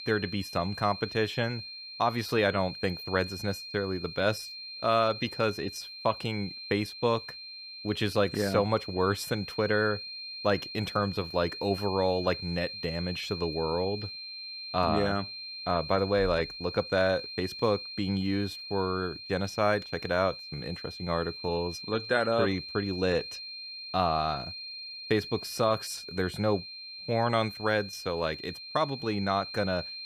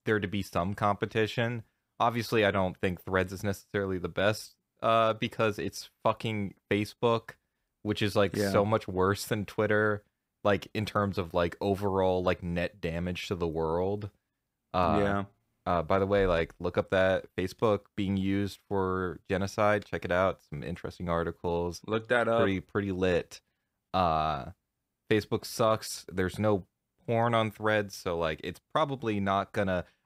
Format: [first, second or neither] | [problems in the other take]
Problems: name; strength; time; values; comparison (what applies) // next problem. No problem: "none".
second | high-pitched whine; loud; throughout; 4 kHz, 9 dB below the speech